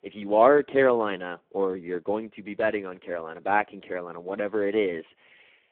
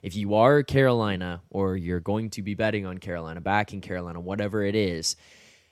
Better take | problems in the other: second | phone-call audio; poor line

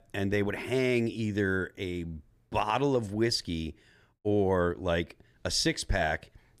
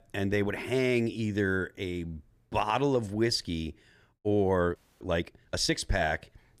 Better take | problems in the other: first | audio freezing; at 5 s

